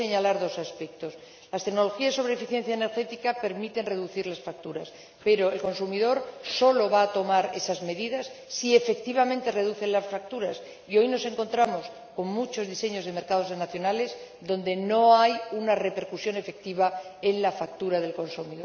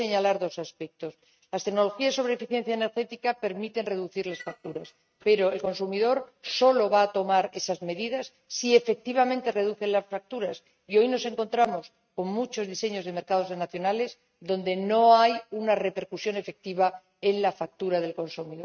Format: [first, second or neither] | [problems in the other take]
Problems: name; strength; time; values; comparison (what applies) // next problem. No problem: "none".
first | noise reduction (neural mask model RNNoise)